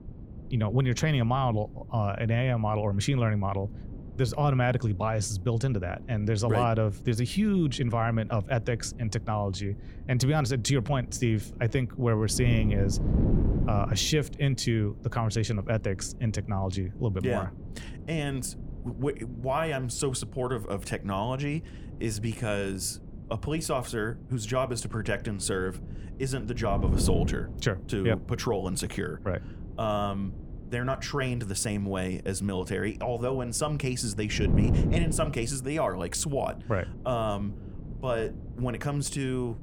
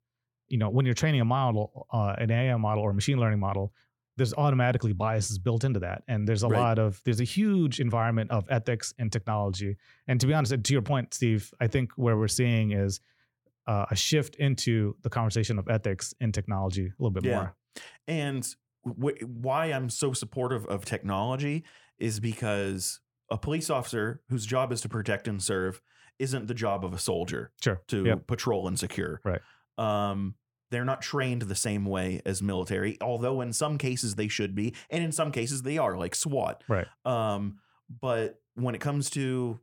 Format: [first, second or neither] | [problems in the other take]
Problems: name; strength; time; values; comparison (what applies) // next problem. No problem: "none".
second | wind noise on the microphone; occasional gusts; 15 dB below the speech